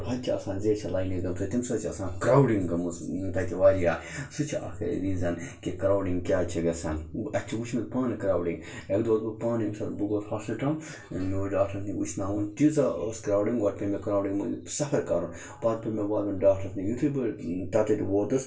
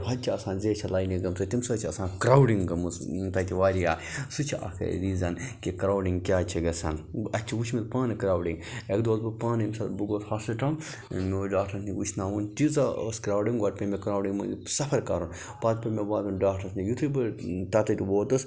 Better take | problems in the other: second | room echo; dies away in 0.2 s

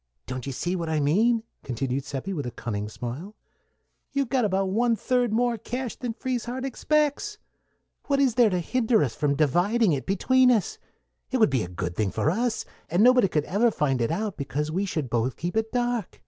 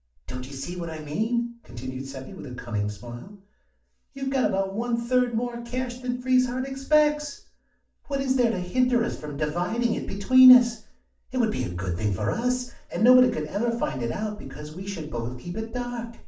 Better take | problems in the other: first | room echo; dies away in 0.4 s

